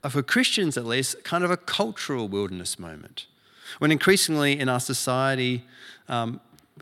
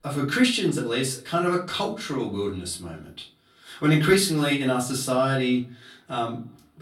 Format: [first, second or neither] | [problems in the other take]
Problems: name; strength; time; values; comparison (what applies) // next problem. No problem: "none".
first | off-mic speech; far // room echo; slight; dies away in 0.3 s